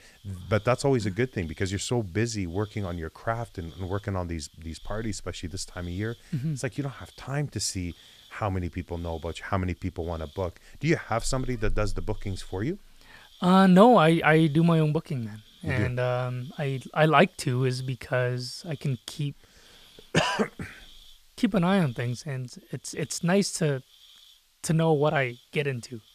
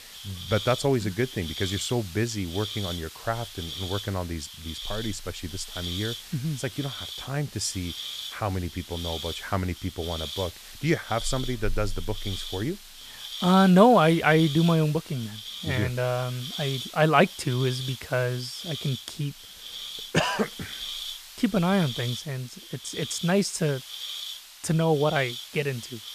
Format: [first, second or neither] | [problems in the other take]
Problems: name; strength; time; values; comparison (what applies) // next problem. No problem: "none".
first | hiss; loud; throughout; 10 dB below the speech; faint in the first